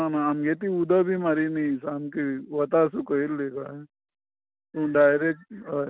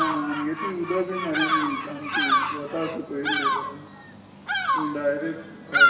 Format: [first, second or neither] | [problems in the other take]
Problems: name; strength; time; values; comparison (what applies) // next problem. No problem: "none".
first | background sound (Bird vocalization, bird call, bird song); 4 dB above the speech // room echo; dies away in 1.4 s